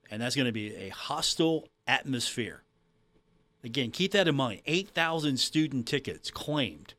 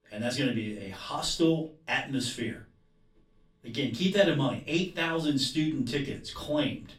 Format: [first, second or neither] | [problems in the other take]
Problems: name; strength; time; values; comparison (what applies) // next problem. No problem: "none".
first | off-mic speech; far // room echo; very slight; dies away in 0.3 s